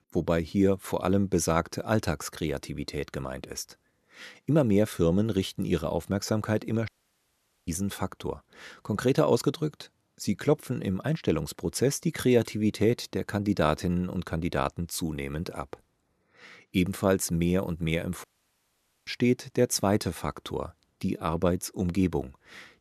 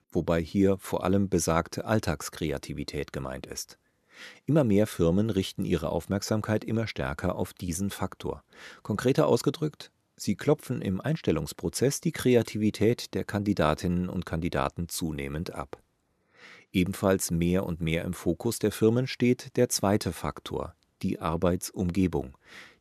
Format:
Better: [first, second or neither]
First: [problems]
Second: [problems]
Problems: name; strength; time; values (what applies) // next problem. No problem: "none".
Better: second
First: audio cutting out; at 7 s for 1 s and at 18 s for 1 s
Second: none